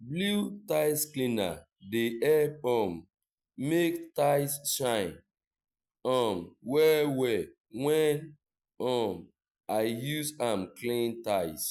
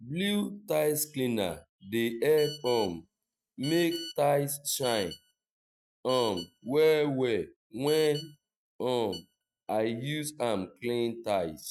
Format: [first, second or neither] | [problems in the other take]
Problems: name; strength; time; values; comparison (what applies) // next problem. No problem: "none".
first | noise reduction (neural mask model RNNoise)